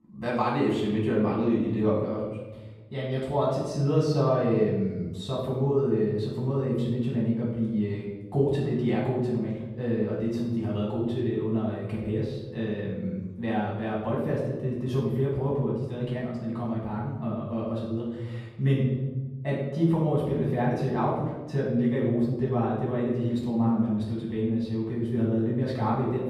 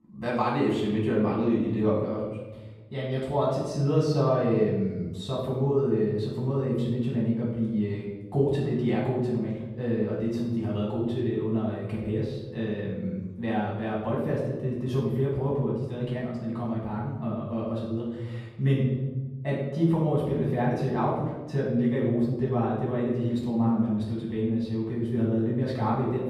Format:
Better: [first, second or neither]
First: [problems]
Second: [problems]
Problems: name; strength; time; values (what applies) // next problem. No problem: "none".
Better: neither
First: off-mic speech; far // room echo; noticeable; dies away in 1.1 s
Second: off-mic speech; far // room echo; noticeable; dies away in 1.1 s